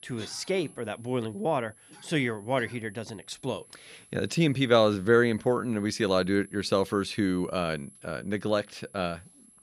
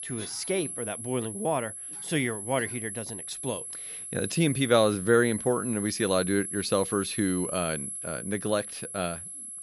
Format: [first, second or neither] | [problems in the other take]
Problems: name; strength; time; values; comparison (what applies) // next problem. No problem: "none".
first | high-pitched whine; loud; throughout; 11 kHz, 6 dB below the speech; faint in the first